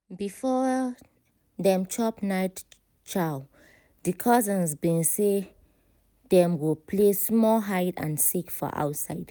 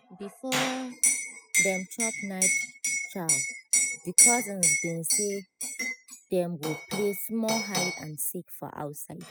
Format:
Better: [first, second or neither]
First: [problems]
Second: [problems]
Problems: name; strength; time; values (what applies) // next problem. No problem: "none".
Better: first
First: none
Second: noise reduction (classical method spectral subtraction)